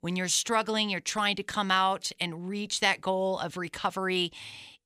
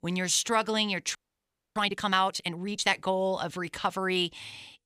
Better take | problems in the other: first | audio freezing; at 1 s for 0.5 s

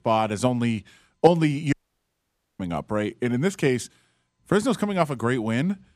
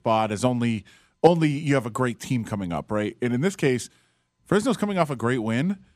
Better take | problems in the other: second | audio cutting out; at 1.5 s for 1 s

